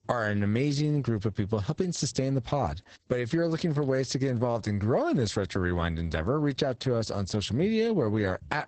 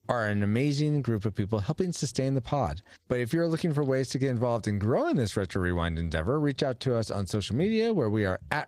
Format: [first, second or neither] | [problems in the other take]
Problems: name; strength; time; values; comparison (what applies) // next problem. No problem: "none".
second | garbled, watery; badly; nothing above 8 kHz; slightly in the second